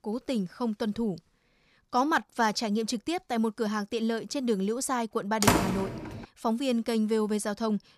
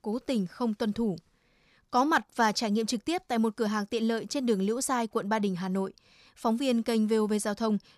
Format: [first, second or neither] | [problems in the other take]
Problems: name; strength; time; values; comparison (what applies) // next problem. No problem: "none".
second | door banging; loud; at 5.5 s; peak 5 dB above the speech